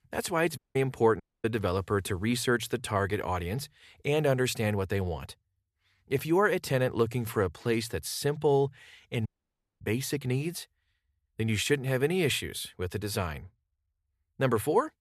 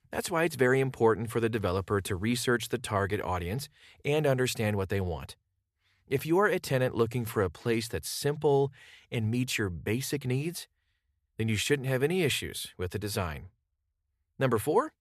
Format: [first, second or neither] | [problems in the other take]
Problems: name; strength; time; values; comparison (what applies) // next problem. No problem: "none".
second | audio cutting out; at 0.5 s, at 1 s and at 9.5 s for 0.5 s